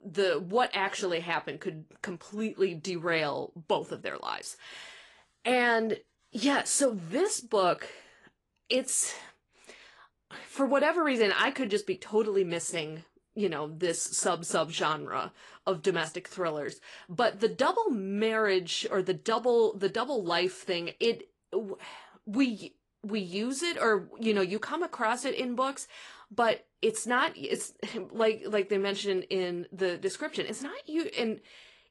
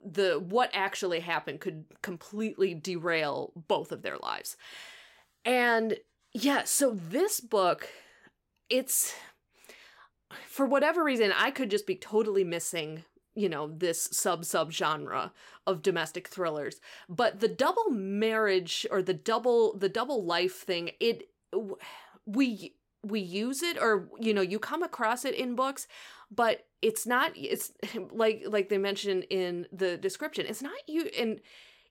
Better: second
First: garbled, watery; slightly; nothing above 10.5 kHz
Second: none

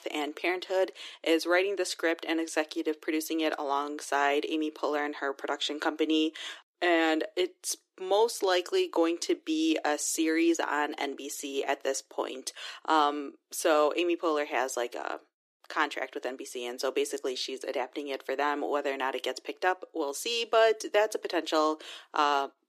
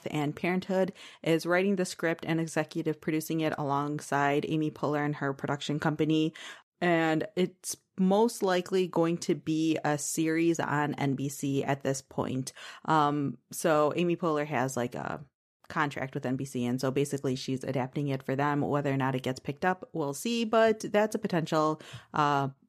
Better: second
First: thin; somewhat; fading below 300 Hz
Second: none

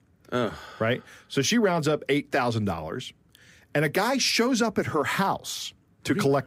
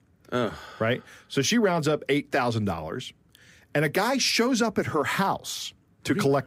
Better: neither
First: none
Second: none

